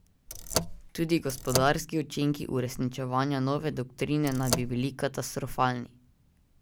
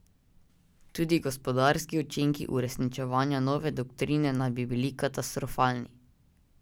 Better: second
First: background sound (Car); 3 dB below the speech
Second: none

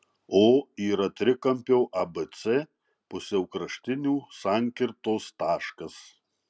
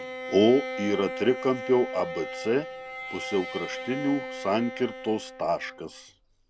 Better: first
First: none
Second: background sound (Bowed string instrument); 9 dB below the speech

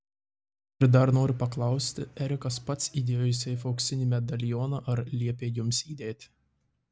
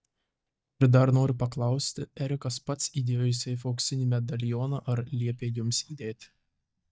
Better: first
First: none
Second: noise reduction (neural mask model DeepFilterNet 3)

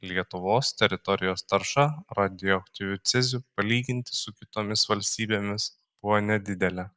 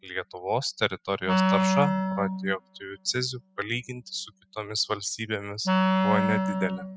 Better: first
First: none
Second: noise reduction (classical method spectral subtraction)

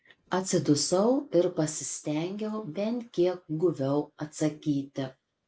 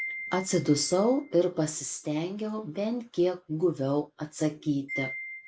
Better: first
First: none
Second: background sound (Wind chime); 14 dB below the speech

